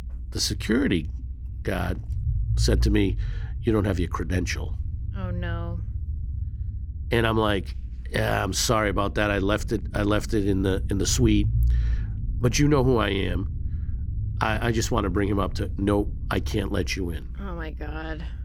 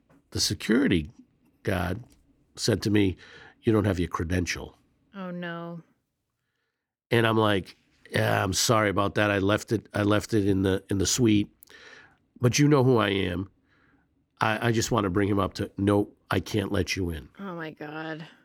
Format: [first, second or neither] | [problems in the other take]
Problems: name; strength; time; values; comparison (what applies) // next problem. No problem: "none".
second | low rumble; faint; throughout; 20 dB below the speech